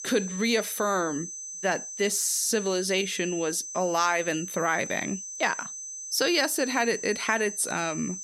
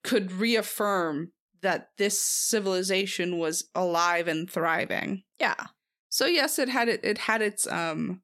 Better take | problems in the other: second | high-pitched whine; loud; throughout; 6 kHz, 8 dB below the speech

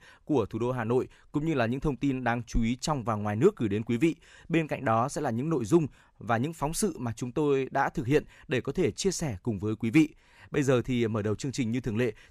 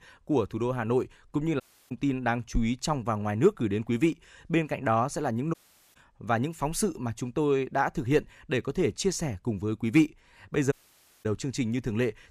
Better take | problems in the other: first | audio cutting out; at 1.5 s, at 5.5 s and at 11 s for 0.5 s

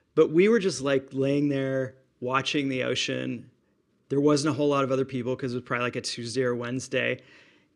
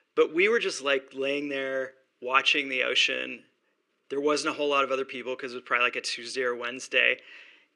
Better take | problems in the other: first | thin; somewhat; fading below 450 Hz

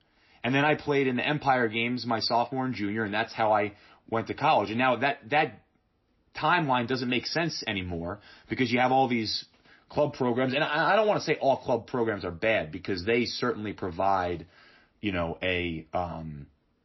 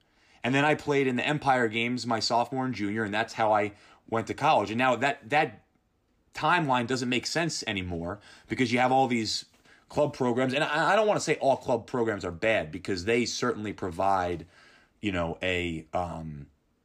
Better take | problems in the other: second | garbled, watery; slightly; nothing above 5.5 kHz

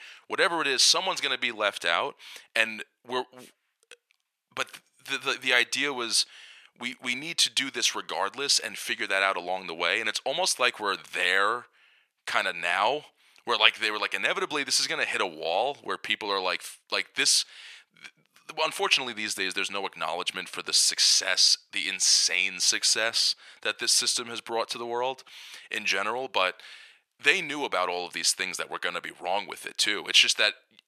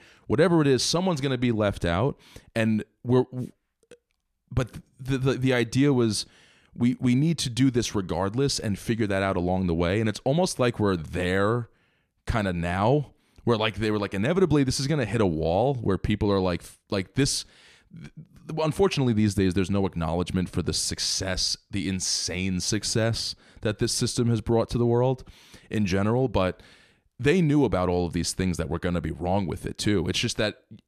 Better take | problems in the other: second | thin; very; fading below 900 Hz

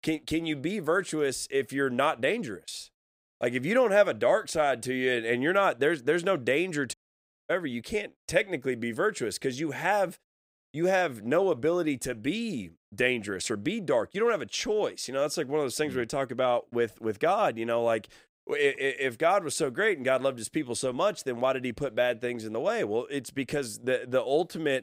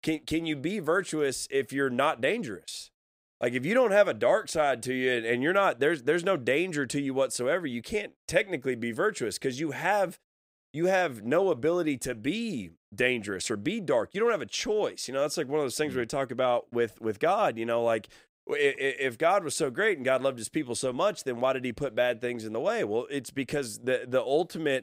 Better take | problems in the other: second | audio cutting out; at 7 s for 0.5 s

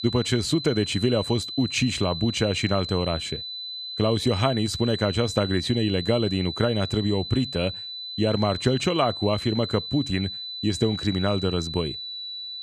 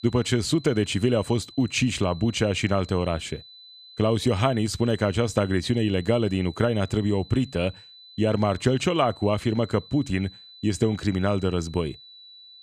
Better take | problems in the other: second | high-pitched whine; loud; throughout; 4 kHz, 7 dB below the speech; faint in the second

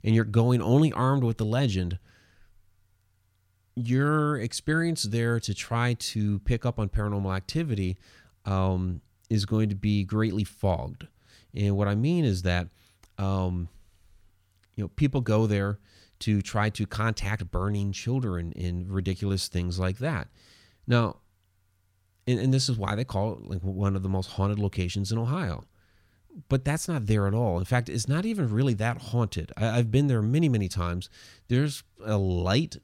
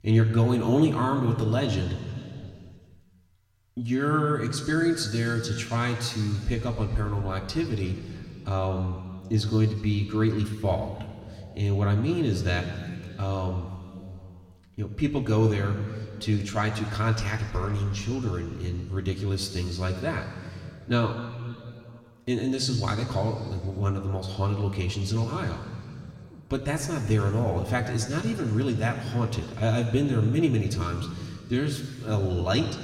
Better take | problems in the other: first | room echo; slight; dies away in 2.5 s

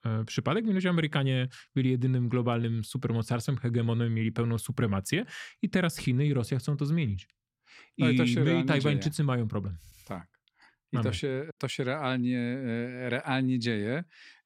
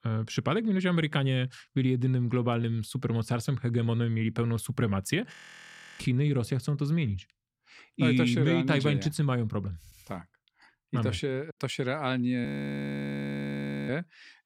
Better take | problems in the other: first | audio freezing; at 5.5 s for 0.5 s and at 12 s for 1.5 s

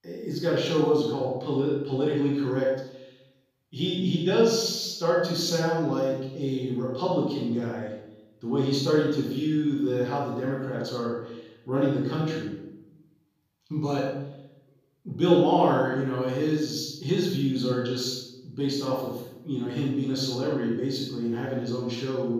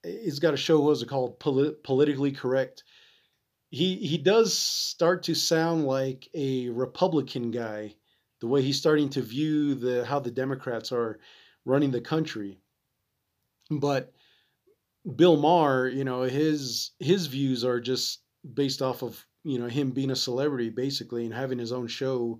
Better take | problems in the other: second | off-mic speech; far // room echo; noticeable; dies away in 0.7 s

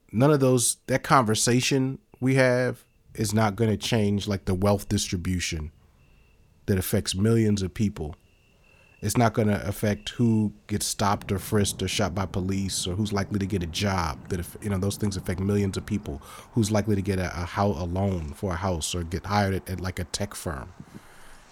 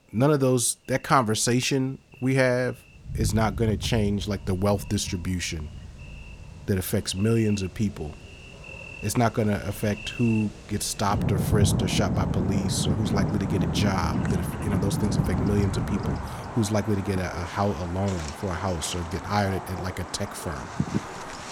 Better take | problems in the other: first | rain or running water; loud; throughout; 4 dB below the speech; faint in the first

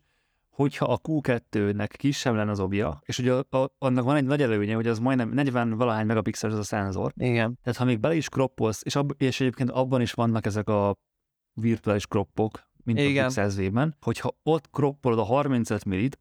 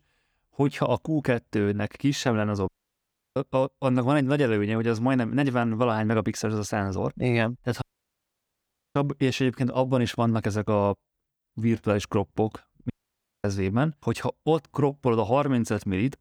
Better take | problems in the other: first | audio cutting out; at 2.5 s for 0.5 s, at 8 s for 1 s and at 13 s for 0.5 s

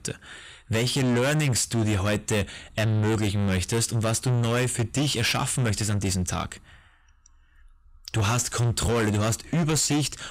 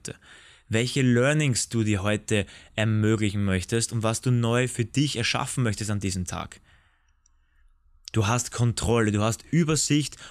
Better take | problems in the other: second | distortion; heavy; 7 dB below the speech

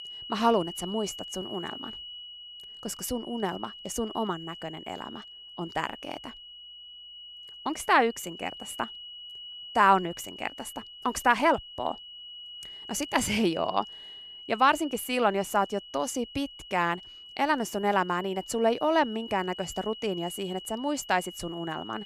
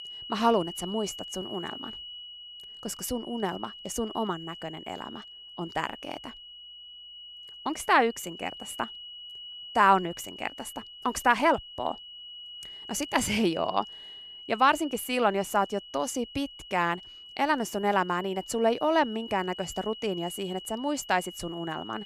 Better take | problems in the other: neither | high-pitched whine; noticeable; throughout; 3 kHz, 15 dB below the speech; the same in both

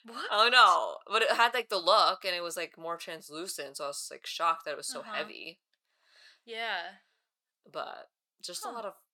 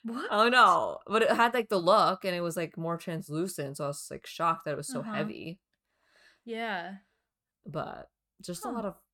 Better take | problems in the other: second | thin; very; fading below 500 Hz

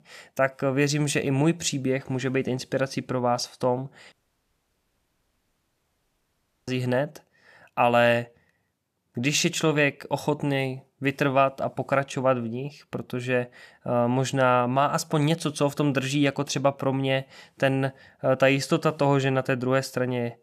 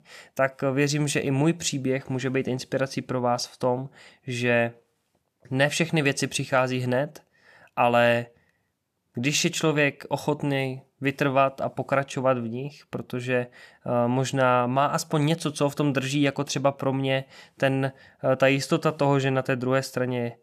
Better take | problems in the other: second | audio cutting out; at 4 s for 2.5 s

